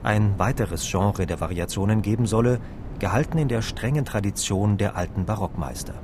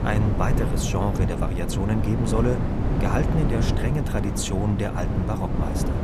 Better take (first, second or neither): first